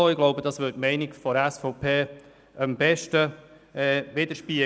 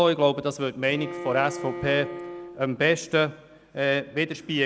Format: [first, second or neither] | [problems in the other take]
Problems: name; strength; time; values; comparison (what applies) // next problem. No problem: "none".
first | background sound (Bowed string instrument); 11 dB below the speech